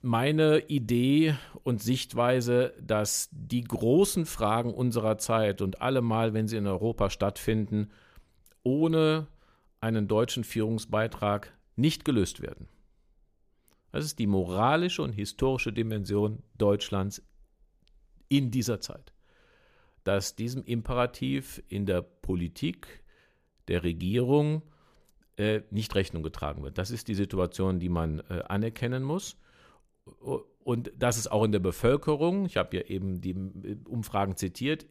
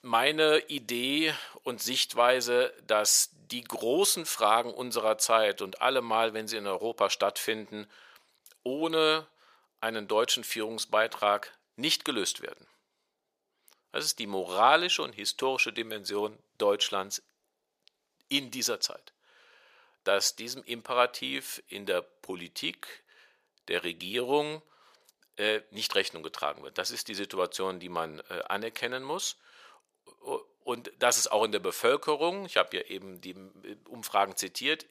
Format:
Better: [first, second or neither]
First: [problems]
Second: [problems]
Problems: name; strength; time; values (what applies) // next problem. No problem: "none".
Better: first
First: none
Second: thin; very; fading below 650 Hz